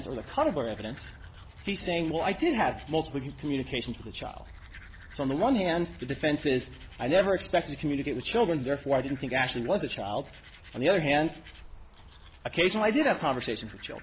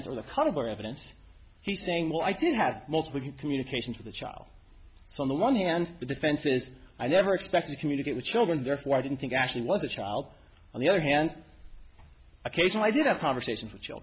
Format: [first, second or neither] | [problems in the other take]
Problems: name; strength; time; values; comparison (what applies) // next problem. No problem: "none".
second | background sound (Domestic sounds, home sounds + Aircraft); 19 dB below the speech